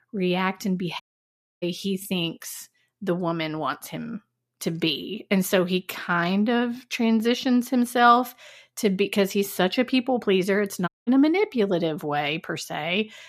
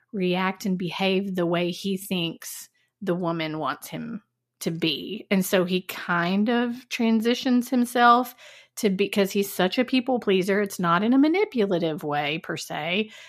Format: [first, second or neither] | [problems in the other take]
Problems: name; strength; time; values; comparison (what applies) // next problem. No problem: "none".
second | audio cutting out; at 1 s for 0.5 s and at 11 s